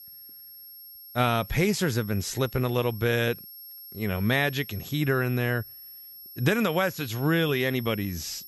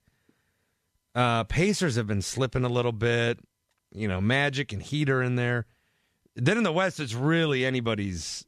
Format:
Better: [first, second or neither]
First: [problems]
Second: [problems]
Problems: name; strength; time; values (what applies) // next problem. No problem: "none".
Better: second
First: high-pitched whine; noticeable; throughout; 11.5 kHz, 15 dB below the speech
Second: none